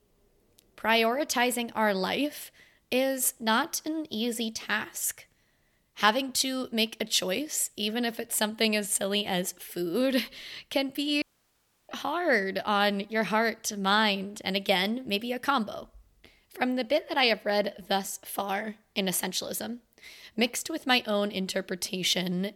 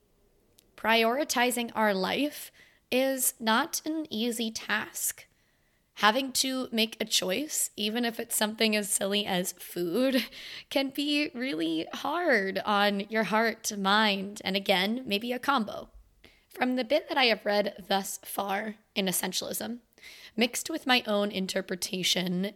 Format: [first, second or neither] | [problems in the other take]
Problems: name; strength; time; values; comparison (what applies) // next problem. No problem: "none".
second | audio cutting out; at 11 s for 0.5 s